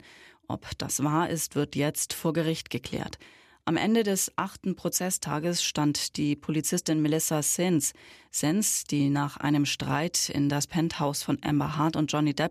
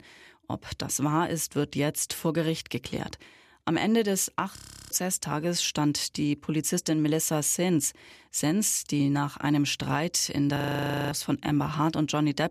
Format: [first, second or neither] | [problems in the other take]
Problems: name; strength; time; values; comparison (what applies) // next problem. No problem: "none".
first | audio freezing; at 4.5 s and at 11 s for 0.5 s